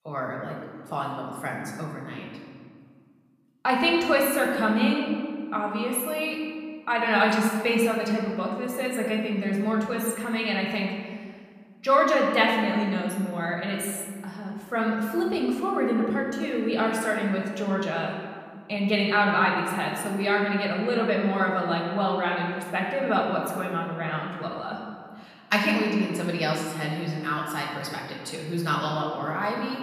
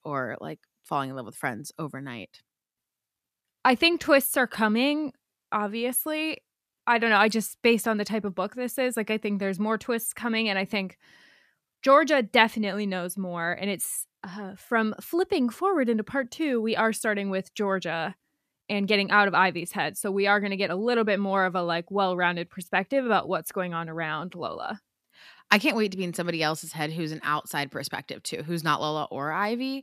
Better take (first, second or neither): second